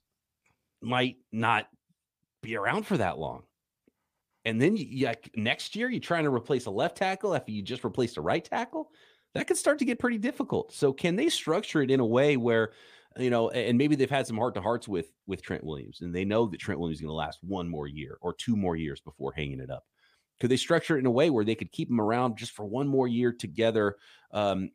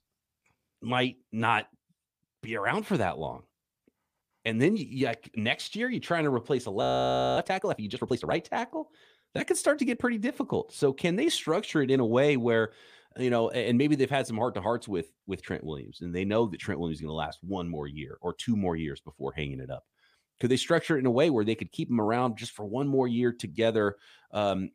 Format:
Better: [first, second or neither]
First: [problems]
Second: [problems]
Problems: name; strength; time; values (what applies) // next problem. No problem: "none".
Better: first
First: none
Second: audio freezing; at 7 s for 0.5 s